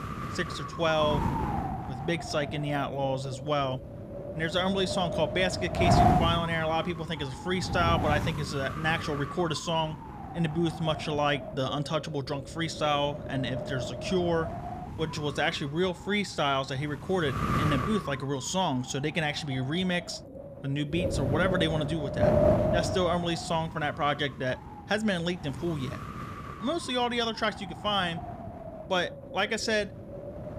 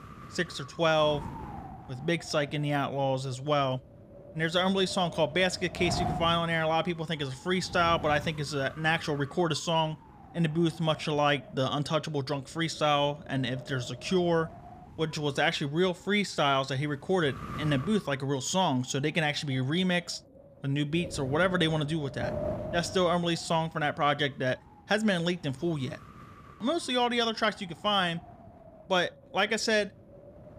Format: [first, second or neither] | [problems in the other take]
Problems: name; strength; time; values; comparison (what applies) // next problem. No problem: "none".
second | wind noise on the microphone; heavy; 4 dB below the speech; occasional gusts in the second